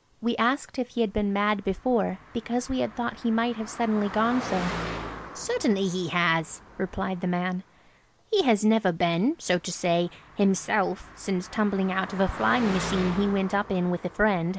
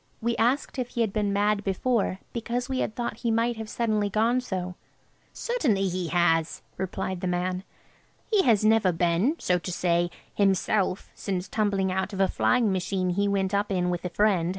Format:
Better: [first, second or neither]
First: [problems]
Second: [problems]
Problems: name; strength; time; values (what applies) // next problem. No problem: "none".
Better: second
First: background sound (Car passing by); 13 dB below the speech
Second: none